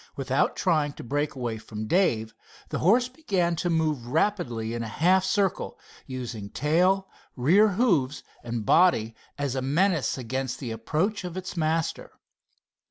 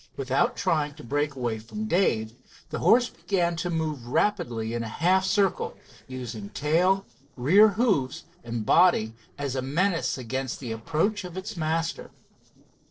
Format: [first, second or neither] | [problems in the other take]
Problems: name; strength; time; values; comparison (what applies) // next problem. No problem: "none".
first | noise reduction (neural separator model SepFormer DNS4)